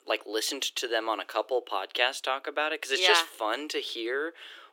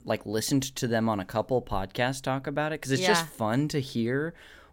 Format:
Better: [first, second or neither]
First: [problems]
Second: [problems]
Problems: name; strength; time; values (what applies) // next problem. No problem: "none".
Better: second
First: thin; very; fading below 300 Hz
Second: none